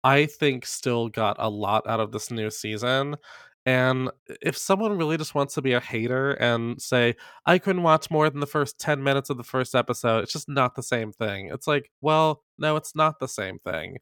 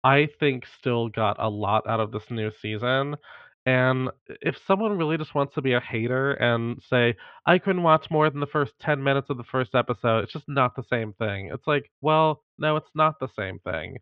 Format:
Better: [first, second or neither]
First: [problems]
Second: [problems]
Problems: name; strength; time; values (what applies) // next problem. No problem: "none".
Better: first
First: none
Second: muffled; very; fading above 3.5 kHz